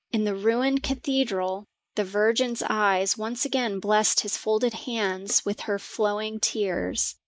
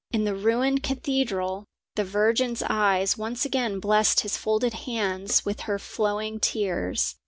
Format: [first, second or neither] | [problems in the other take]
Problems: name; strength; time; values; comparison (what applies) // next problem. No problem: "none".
second | noise reduction (neural mask model Resemble Enhance denoiser)